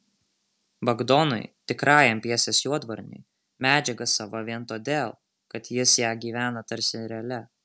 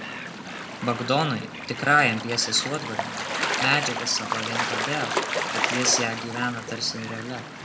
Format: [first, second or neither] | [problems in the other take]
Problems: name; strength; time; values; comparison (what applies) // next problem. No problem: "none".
first | background sound (Gull, seagull / Waves, surf); 3 dB below the speech // room echo; dies away in 0.5 s